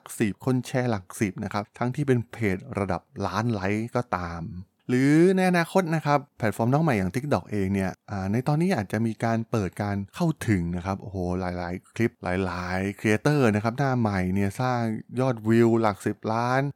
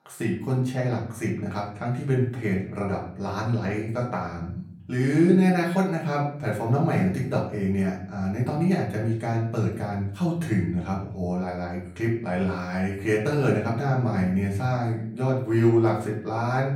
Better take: first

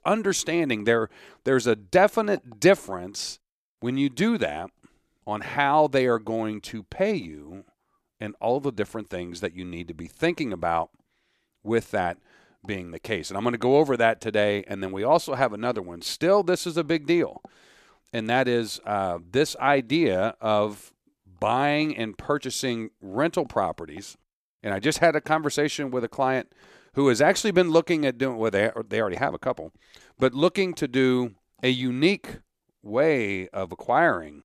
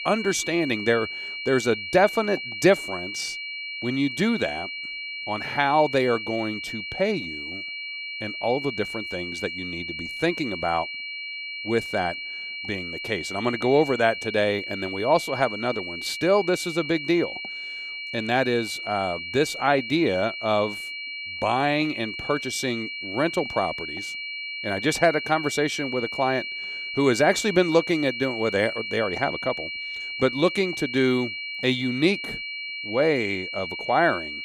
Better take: first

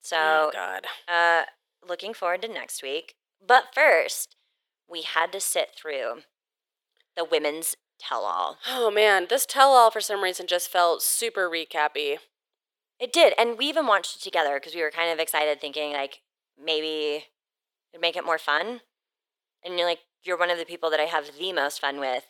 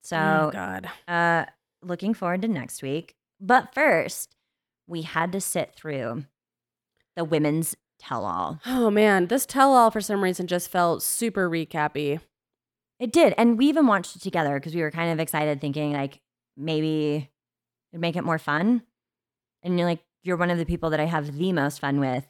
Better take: second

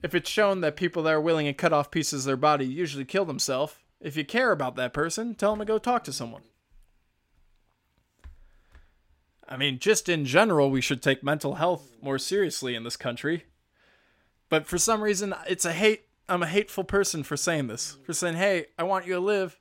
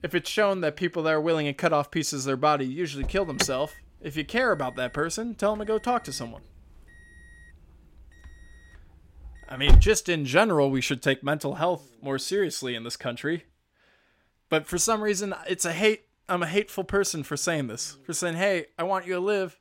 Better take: first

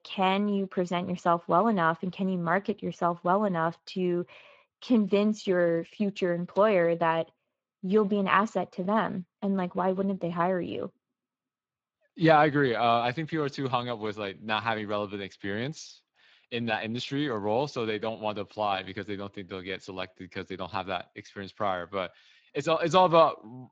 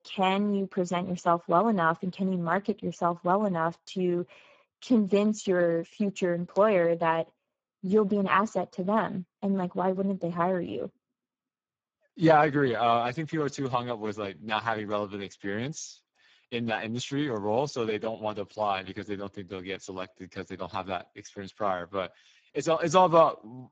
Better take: first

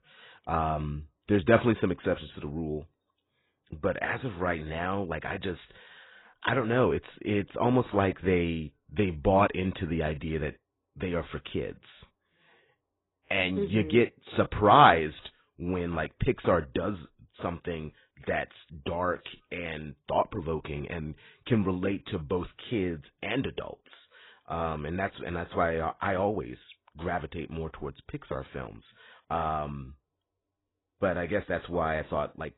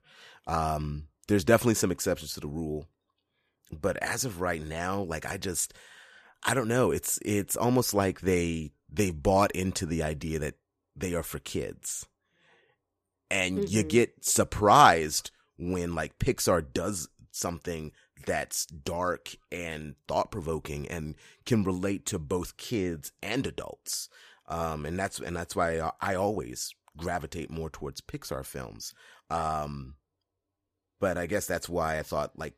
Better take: second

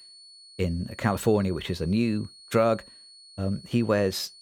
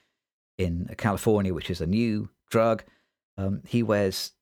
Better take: second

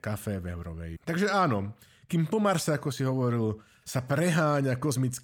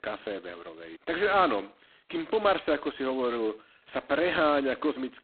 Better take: first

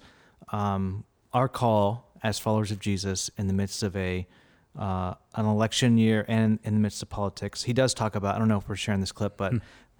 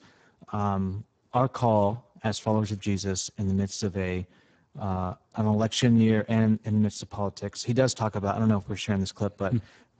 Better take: first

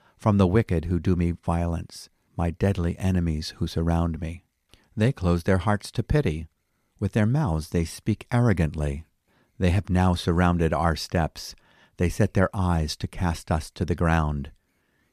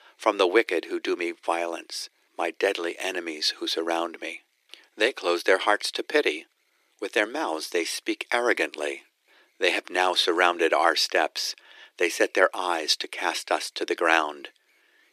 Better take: first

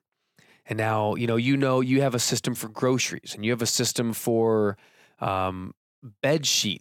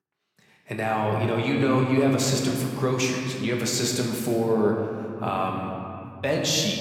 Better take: first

